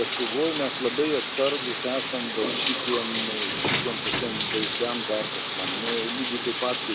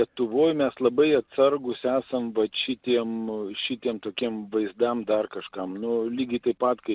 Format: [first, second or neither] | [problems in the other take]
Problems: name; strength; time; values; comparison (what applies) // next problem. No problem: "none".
second | background sound (Bathtub (filling or washing)); as loud as the speech